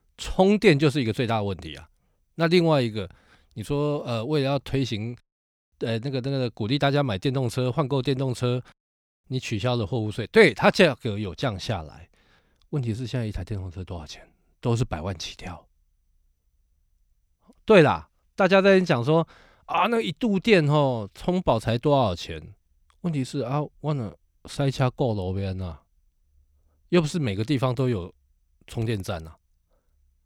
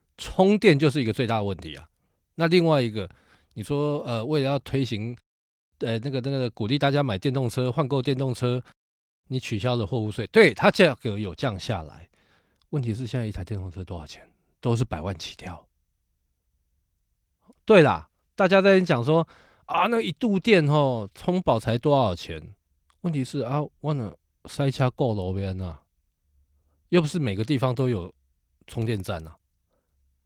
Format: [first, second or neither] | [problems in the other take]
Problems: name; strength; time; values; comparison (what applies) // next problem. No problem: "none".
first | garbled, watery; slightly; nothing above 18 kHz